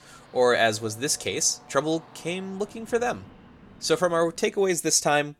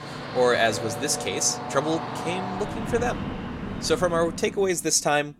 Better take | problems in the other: first | train or aircraft noise; loud; until 4 s; 8 dB below the speech; faint in the first

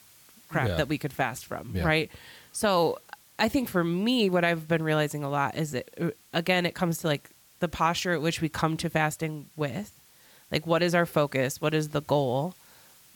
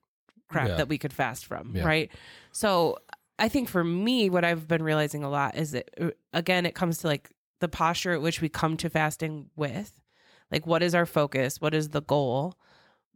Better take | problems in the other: second | hiss; faint; throughout; 25 dB below the speech

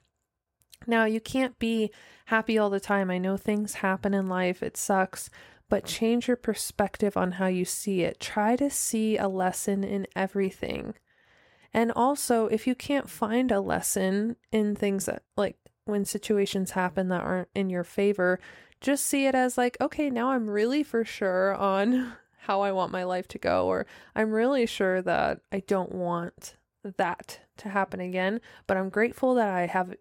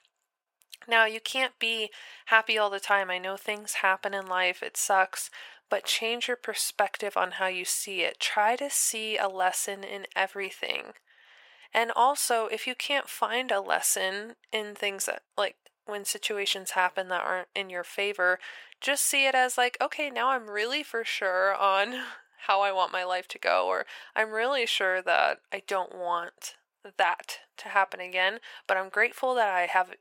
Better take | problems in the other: first | thin; very; fading below 850 Hz

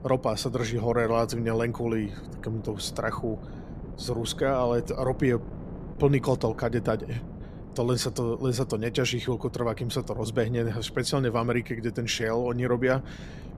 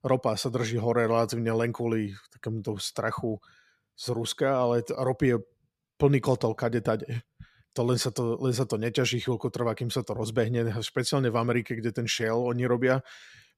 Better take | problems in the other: second | wind noise on the microphone; occasional gusts; 20 dB below the speech

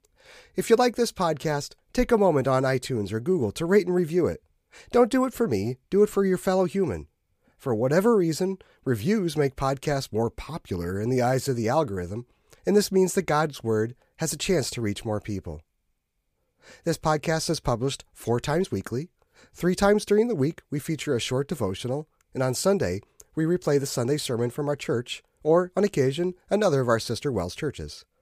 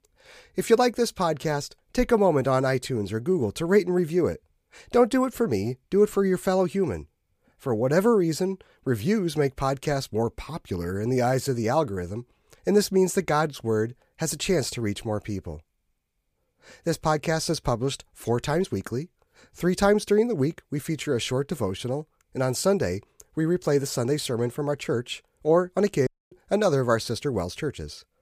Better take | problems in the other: first | audio cutting out; at 26 s

